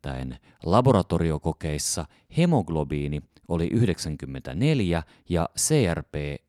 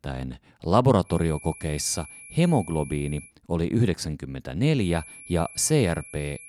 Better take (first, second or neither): first